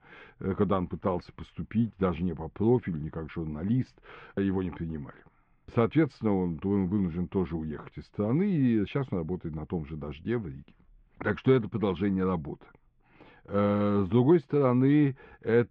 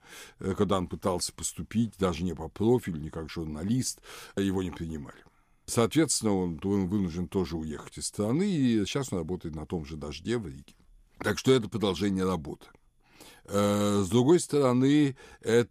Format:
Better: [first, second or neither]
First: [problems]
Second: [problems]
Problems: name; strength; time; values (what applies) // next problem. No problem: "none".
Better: second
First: muffled; very; fading above 2.5 kHz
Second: none